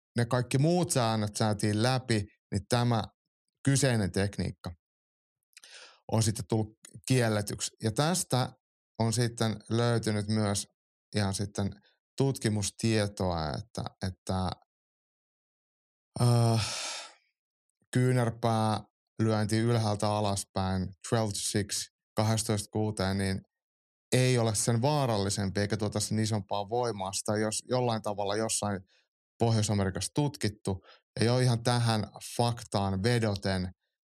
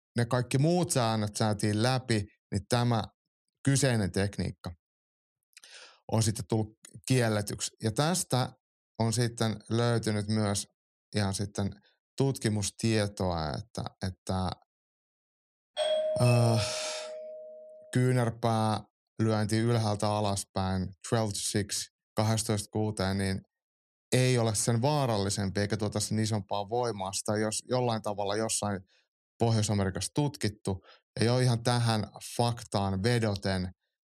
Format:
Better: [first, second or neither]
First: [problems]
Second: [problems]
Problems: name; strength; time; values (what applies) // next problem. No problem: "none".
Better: first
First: none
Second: doorbell; loud; from 16 to 17 s; peak 1 dB above the speech